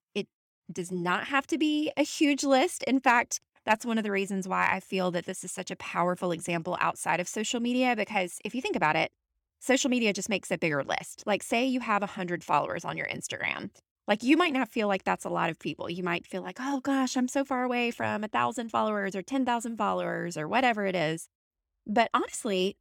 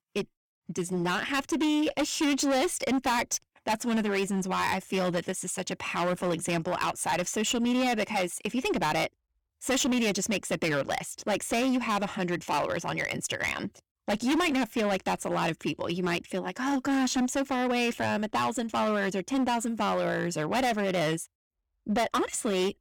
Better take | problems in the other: first | distortion; heavy; 16% of the sound clipped

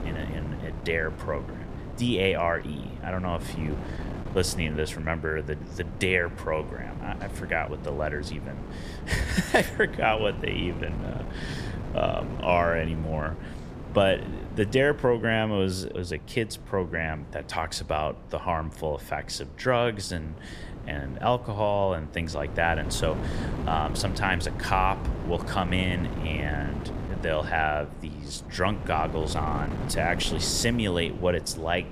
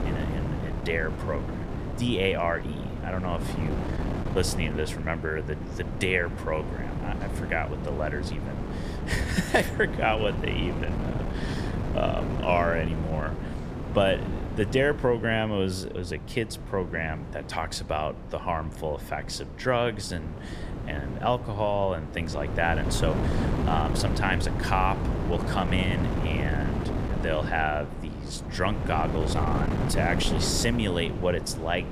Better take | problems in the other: first | wind noise on the microphone; heavy; 9 dB below the speech; occasional gusts in the first

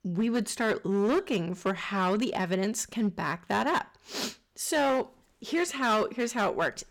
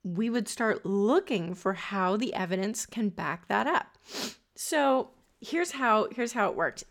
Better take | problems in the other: second | distortion; slight; 8% of the sound clipped

